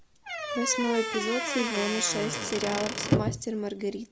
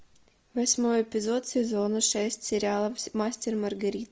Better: second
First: background sound (Squeak / Wood); as loud as the speech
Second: none

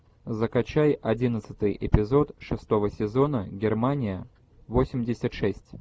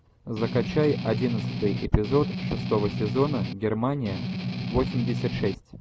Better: first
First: none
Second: background sound (Strum); 3 dB below the speech

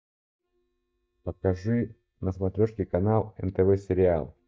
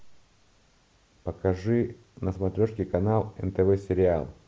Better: second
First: noise reduction (neural mask model DeepFilterNet 3)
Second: none

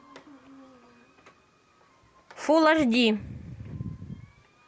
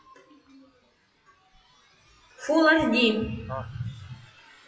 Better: first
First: none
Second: noise reduction (classical method WPE with log-MMSE)

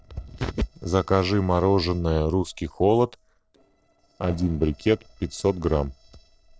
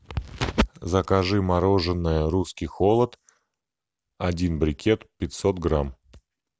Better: second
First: noise reduction (neural separator model SepFormer DNS4)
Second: none

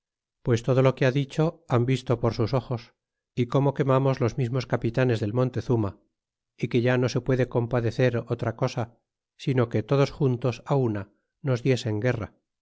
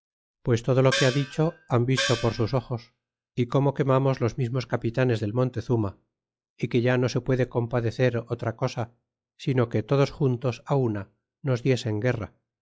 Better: first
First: none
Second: noise reduction (classical method log-MMSE)

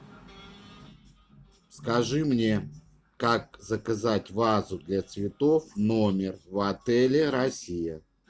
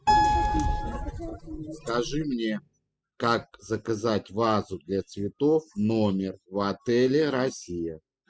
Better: first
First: none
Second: noise reduction (classical method spectral subtraction)

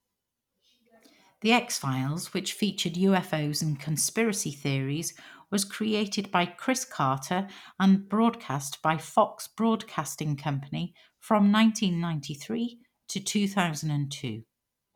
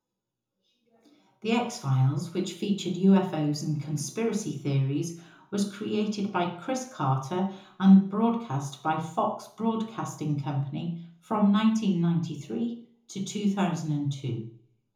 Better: first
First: none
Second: room echo; dies away in 0.6 s

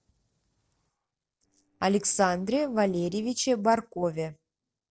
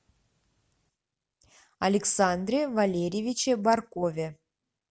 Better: second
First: noise reduction (neural separator model SepFormer DNS4)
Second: none

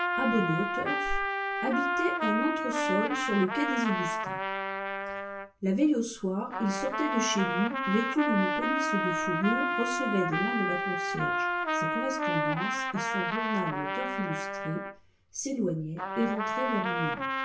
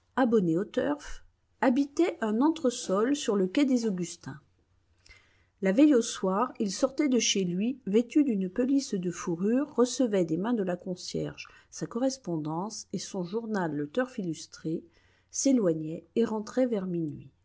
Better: second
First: background sound (Trumpet); 1 dB above the speech // room echo; dies away in 0.3 s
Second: none

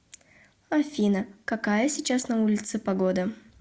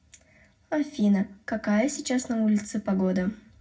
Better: first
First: none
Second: room echo; dies away in 0.4 s

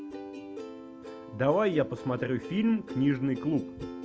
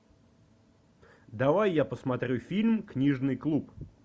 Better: second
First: background sound (Plucked string instrument); 11 dB below the speech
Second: none

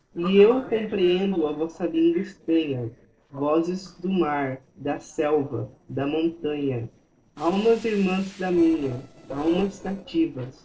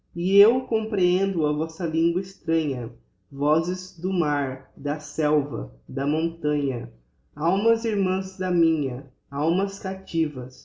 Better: second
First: noise reduction (neural separator model SepFormer DNS4)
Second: none

